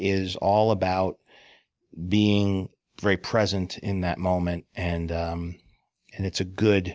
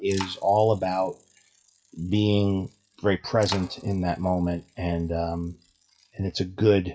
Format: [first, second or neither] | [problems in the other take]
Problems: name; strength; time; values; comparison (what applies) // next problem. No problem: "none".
first | noise reduction (classical method WPE with log-MMSE)